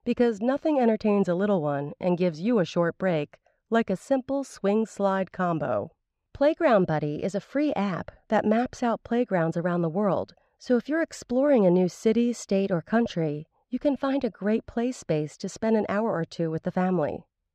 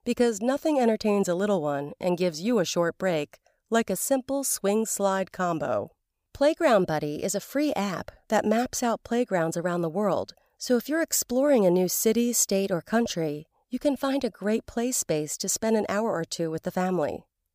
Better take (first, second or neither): second